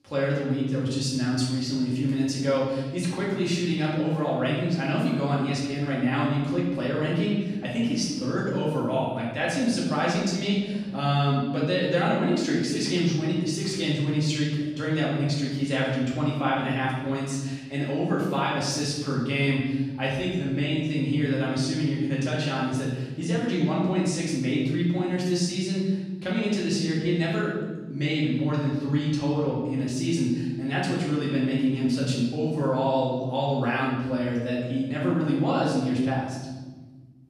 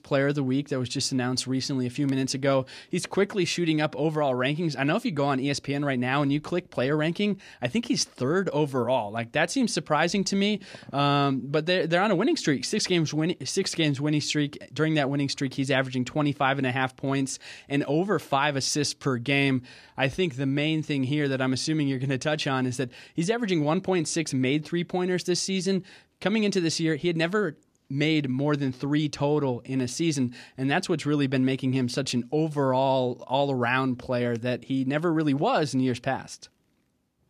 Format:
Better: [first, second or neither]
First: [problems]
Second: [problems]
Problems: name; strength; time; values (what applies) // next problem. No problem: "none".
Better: second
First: off-mic speech; far // room echo; noticeable; dies away in 1.4 s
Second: none